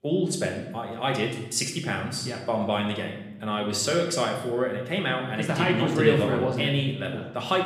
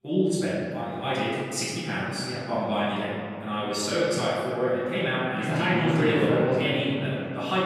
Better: first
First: room echo; slight; dies away in 0.9 s // off-mic speech; somewhat distant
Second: room echo; strong; dies away in 2.4 s // off-mic speech; far

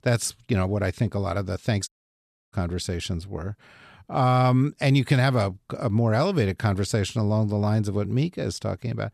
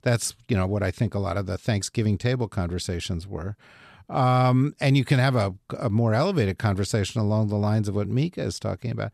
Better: second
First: audio cutting out; at 2 s for 0.5 s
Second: none

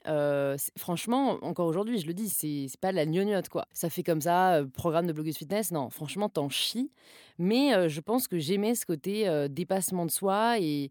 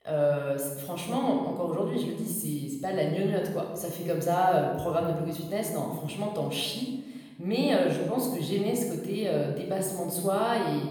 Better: first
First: none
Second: off-mic speech; somewhat distant // room echo; noticeable; dies away in 1.1 s

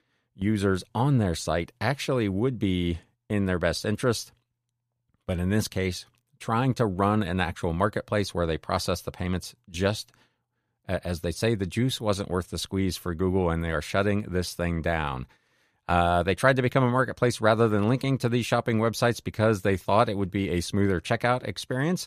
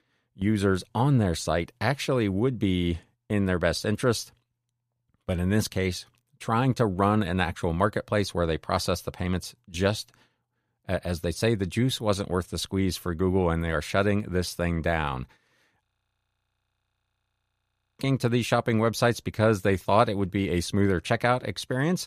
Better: first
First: none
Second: audio freezing; at 16 s for 2 s

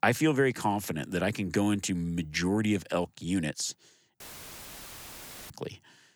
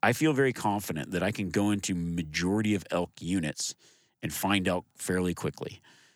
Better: second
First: audio cutting out; filled with static; at 4 s for 1.5 s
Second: none

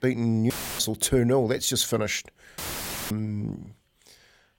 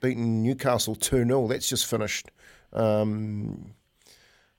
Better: second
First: audio cutting out; filled with static; at 0.5 s and at 2.5 s for 0.5 s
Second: none

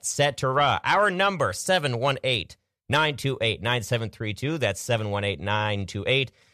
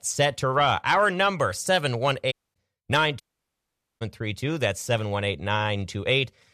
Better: first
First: none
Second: audio cutting out; at 2.5 s and at 3 s for 1 s

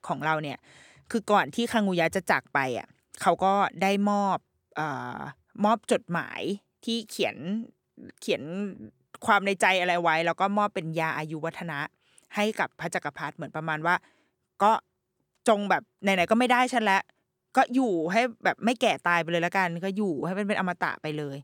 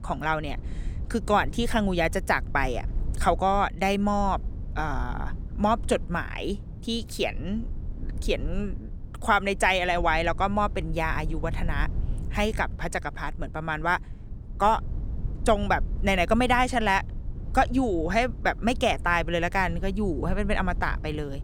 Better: first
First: none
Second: low rumble; faint; throughout; 25 dB below the speech

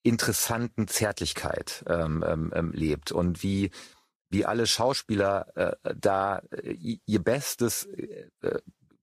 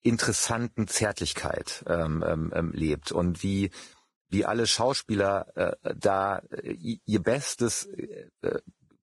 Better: first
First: garbled, watery; slightly; nothing above 15.5 kHz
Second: garbled, watery; badly; nothing above 10.5 kHz

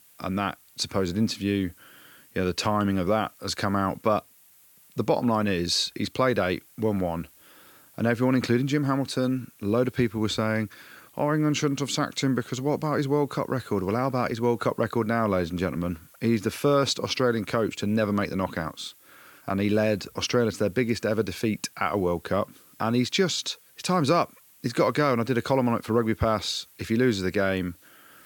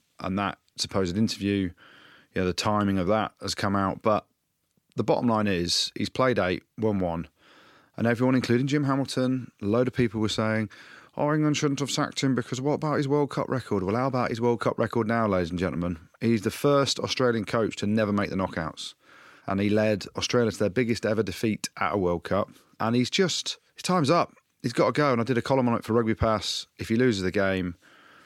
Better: second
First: hiss; faint; throughout; 25 dB below the speech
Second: none

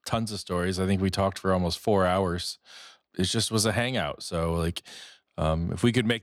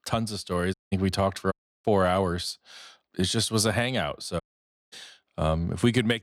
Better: first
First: none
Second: audio cutting out; at 0.5 s, at 1.5 s and at 4.5 s for 0.5 s

